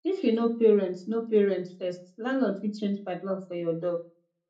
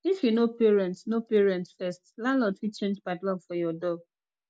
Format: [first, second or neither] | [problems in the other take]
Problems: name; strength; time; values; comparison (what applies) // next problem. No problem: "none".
second | room echo; dies away in 0.3 s